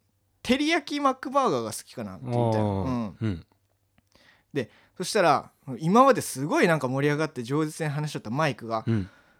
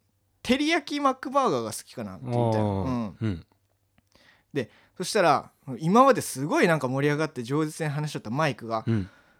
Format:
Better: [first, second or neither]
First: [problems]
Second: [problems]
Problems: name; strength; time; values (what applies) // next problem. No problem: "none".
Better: neither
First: none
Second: none